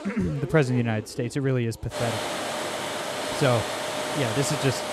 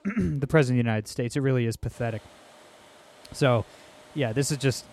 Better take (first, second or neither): second